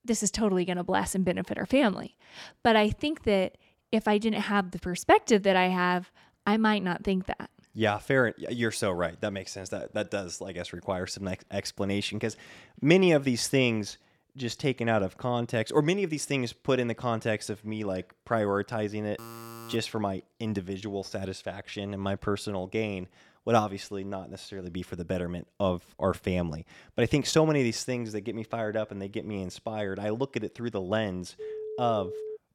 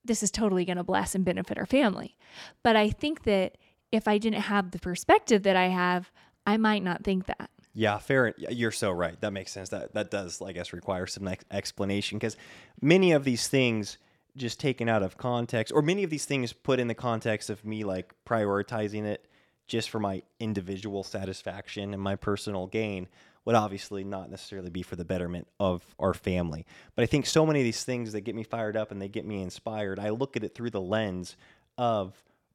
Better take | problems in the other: second | alarm; faint; at 19 s; peak 15 dB below the speech // phone ringing; noticeable; at 31 s; peak 8 dB below the speech

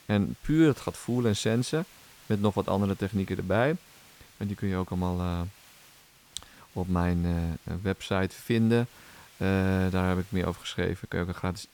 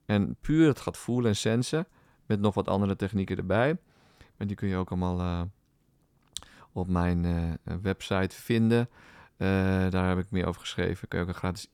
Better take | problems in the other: second | hiss; faint; throughout; 25 dB below the speech

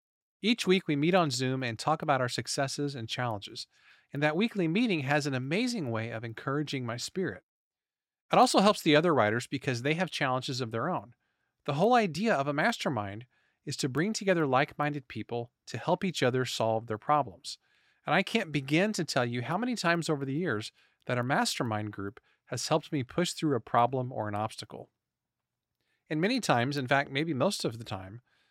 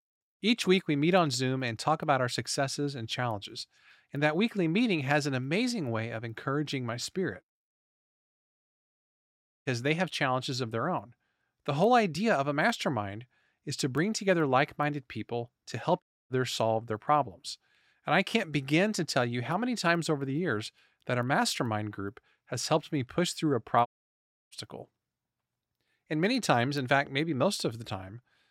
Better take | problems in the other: first | audio cutting out; at 7.5 s for 2 s, at 16 s and at 24 s for 0.5 s

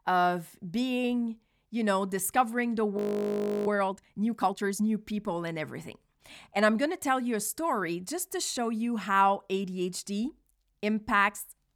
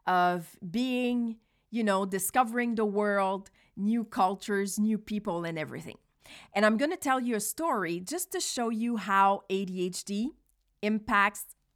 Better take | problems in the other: second | audio freezing; at 3 s for 0.5 s

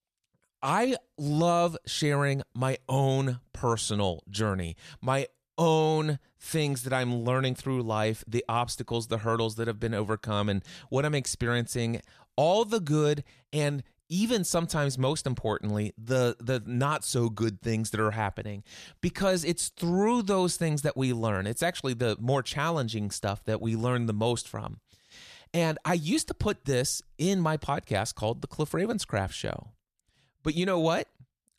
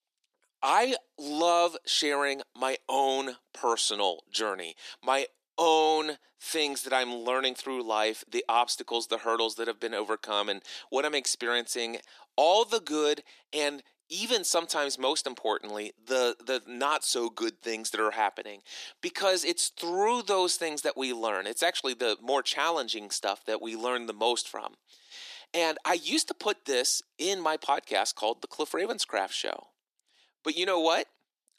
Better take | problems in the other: first | thin; very; fading below 300 Hz

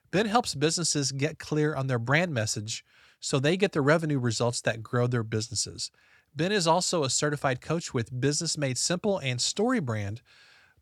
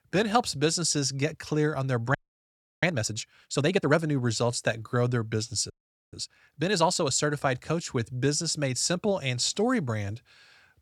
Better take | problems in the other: first | audio freezing; at 2 s for 0.5 s and at 5.5 s

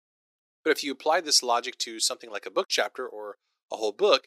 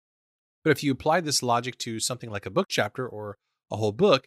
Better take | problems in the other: second | thin; somewhat; fading below 350 Hz

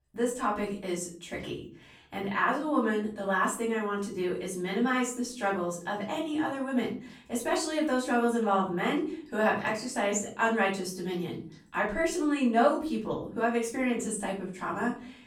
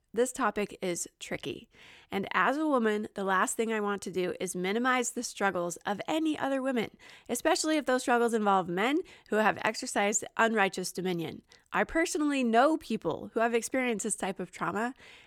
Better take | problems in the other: second | off-mic speech; far // room echo; slight; dies away in 0.4 s

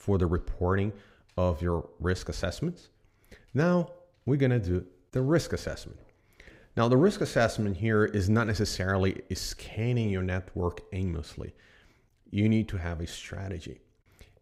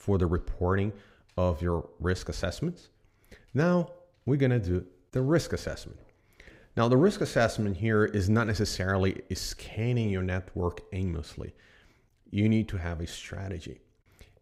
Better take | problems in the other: neither | none

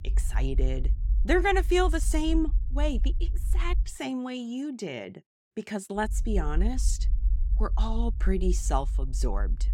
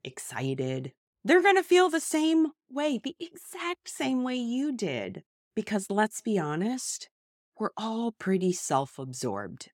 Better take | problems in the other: second | low rumble; faint; until 4 s and from 6 s on; 20 dB below the speech

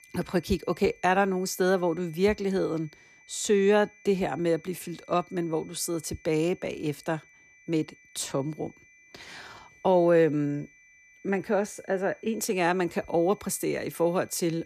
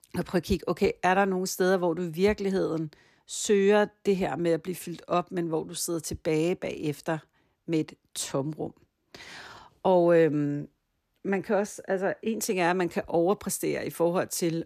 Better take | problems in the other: second | high-pitched whine; faint; throughout; 2.5 kHz, 25 dB below the speech

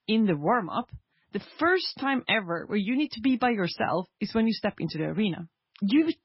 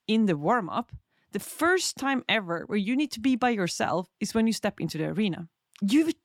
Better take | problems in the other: second | garbled, watery; badly; nothing above 5.5 kHz

